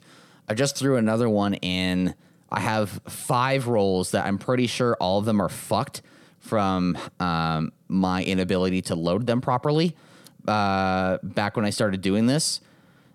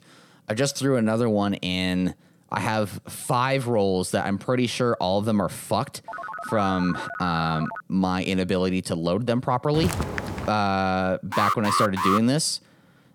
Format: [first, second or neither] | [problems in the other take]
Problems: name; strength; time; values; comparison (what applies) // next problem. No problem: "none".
first | phone ringing; noticeable; from 6 to 8 s; peak 9 dB below the speech // footsteps; noticeable; at 9.5 s; peak 3 dB below the speech // alarm; loud; at 11 s; peak 2 dB above the speech